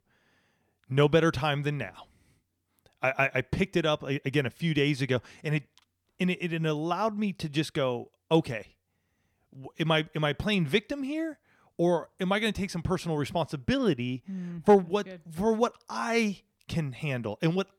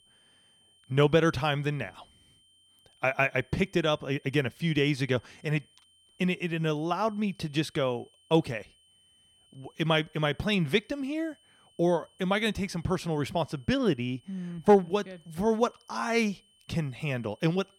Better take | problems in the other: first | high-pitched whine; faint; throughout; 3 kHz, 30 dB below the speech

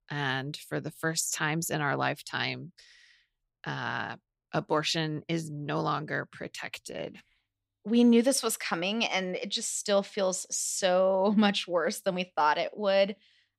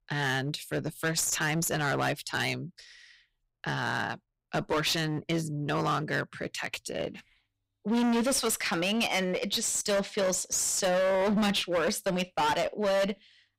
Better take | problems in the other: first | distortion; heavy; 16% of the sound clipped

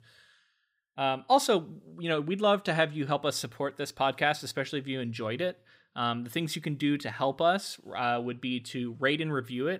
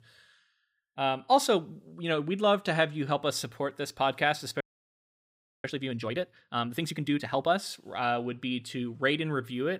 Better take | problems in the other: first | audio freezing; at 4.5 s for 1 s

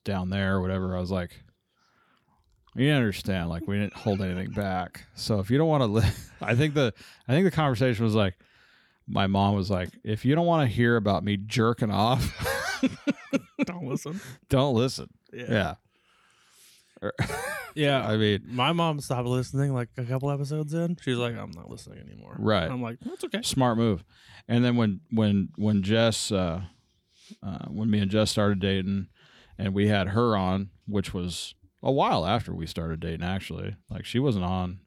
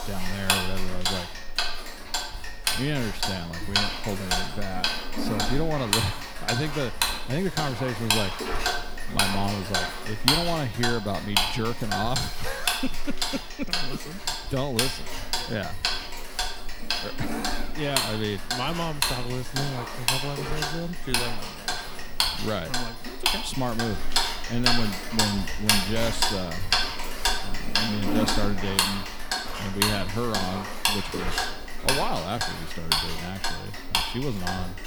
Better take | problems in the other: first | household noises; very loud; throughout; 4 dB above the speech

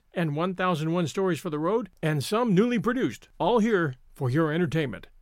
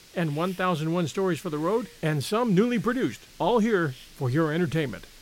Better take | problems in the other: first | hiss; faint; throughout; 20 dB below the speech

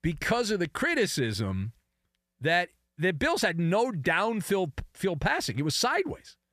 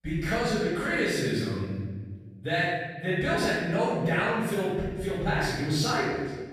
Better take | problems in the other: first | off-mic speech; far // room echo; strong; dies away in 1.4 s

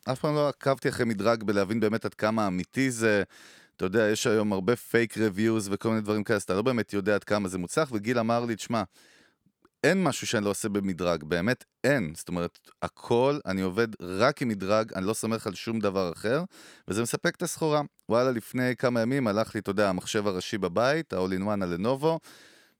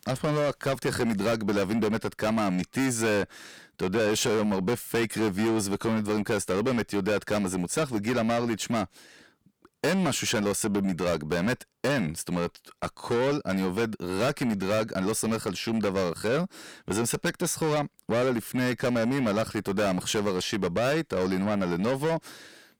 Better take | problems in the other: first | distortion; heavy; 6 dB below the speech

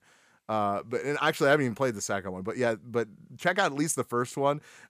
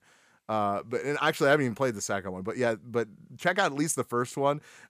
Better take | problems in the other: neither | none

